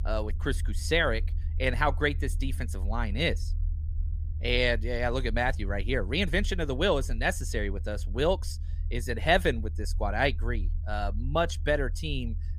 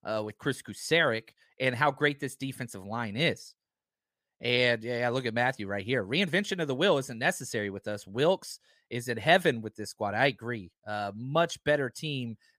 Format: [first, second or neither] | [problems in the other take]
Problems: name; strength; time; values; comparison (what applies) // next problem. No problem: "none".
second | low rumble; faint; throughout; 25 dB below the speech